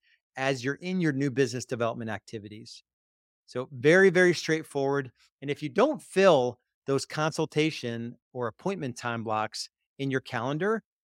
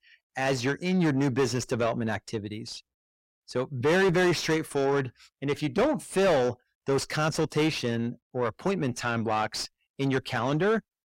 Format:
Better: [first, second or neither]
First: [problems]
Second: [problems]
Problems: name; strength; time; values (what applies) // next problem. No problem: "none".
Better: first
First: none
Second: distortion; heavy; 6 dB below the speech